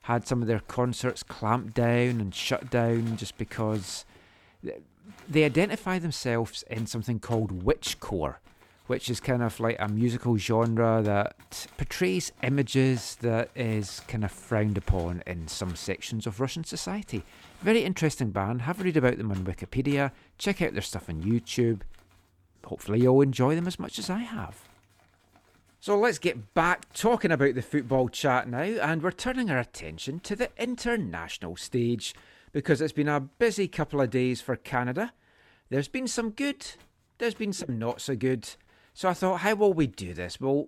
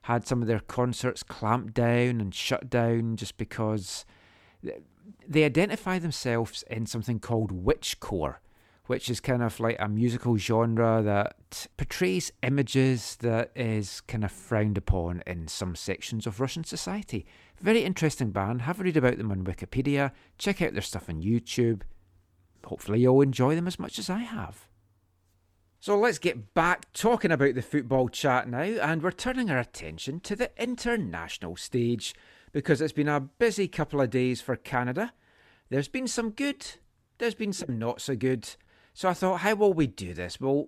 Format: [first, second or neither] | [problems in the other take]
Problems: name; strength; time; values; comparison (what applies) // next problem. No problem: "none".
second | household noises; faint; throughout; 25 dB below the speech